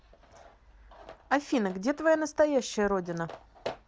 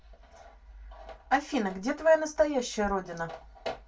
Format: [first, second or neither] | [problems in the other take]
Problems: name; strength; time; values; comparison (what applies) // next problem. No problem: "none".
first | room echo; dies away in 0.2 s